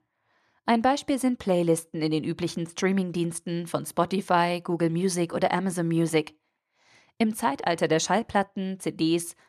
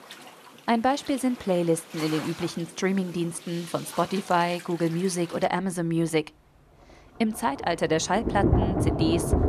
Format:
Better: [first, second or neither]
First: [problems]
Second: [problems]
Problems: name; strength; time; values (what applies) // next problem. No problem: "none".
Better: first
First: none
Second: rain or running water; loud; throughout; 4 dB below the speech